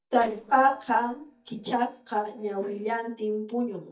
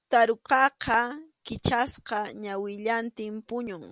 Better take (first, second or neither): second